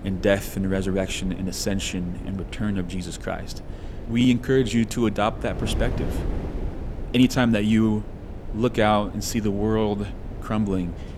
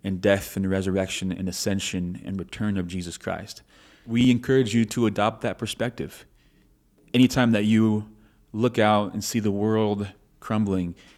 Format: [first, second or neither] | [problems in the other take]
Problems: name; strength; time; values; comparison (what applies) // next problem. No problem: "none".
second | wind noise on the microphone; occasional gusts; 15 dB below the speech